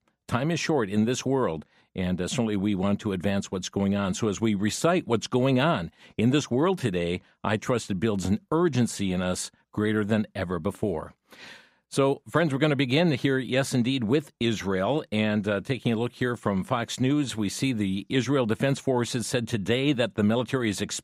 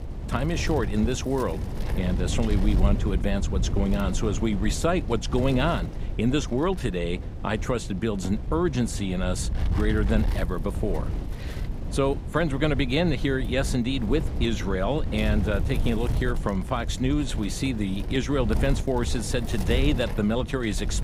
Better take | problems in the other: first | wind noise on the microphone; occasional gusts; 10 dB below the speech

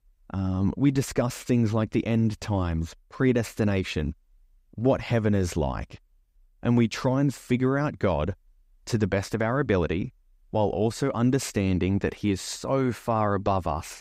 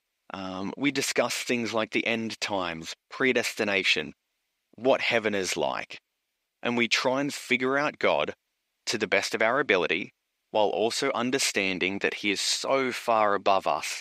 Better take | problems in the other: first | thin; somewhat; fading below 350 Hz

